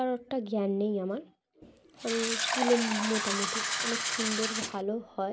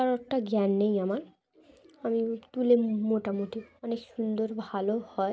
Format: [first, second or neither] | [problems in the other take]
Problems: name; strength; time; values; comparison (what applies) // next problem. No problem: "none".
second | background sound (Fill (with liquid)); as loud as the speech